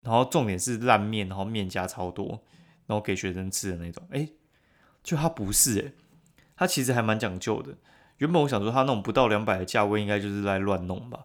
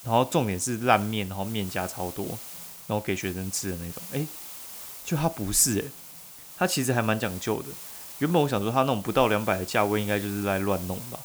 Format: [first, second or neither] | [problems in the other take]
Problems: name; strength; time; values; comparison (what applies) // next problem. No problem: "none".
first | hiss; noticeable; throughout; 15 dB below the speech